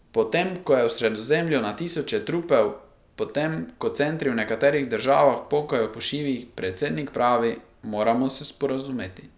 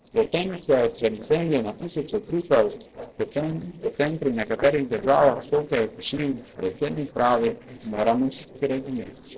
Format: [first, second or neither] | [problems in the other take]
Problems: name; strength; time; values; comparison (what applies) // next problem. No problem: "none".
first | noise reduction (neural separator model SepFormer DNS4)